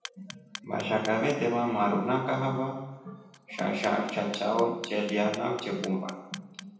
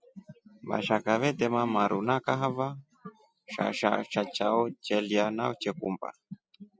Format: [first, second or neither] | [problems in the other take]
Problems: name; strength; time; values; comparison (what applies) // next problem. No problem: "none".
second | background sound (Clock); 18 dB below the speech // room echo; dies away in 0.9 s